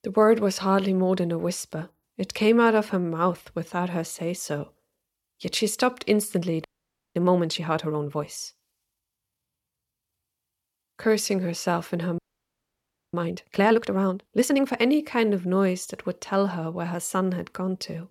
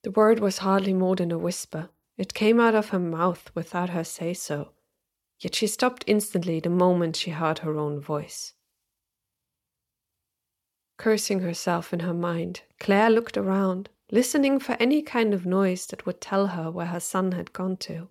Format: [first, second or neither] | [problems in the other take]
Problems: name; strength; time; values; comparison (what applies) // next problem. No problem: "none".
second | audio freezing; at 6.5 s for 0.5 s and at 12 s for 1 s